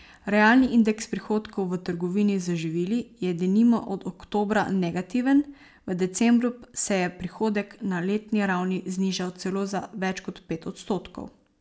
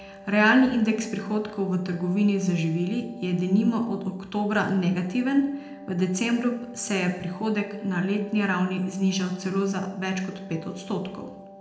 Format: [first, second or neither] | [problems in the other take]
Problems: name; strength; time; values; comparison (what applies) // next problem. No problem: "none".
first | background sound (Wind instrument, woodwind instrument); 20 dB below the speech // room echo; dies away in 0.7 s